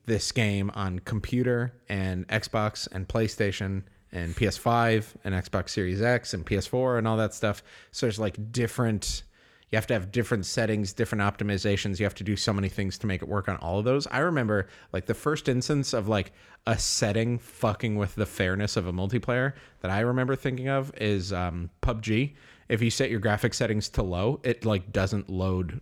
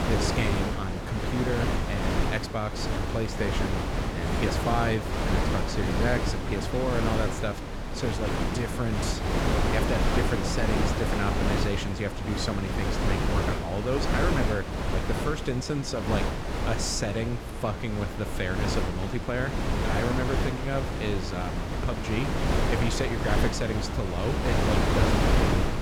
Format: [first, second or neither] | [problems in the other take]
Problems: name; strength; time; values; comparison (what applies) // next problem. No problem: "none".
first | wind noise on the microphone; heavy; 1 dB above the speech